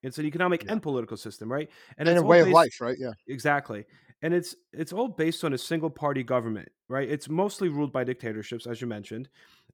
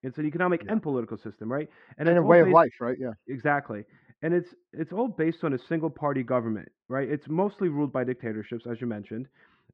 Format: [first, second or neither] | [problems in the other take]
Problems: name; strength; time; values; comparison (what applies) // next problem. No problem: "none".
first | muffled; very; fading above 2 kHz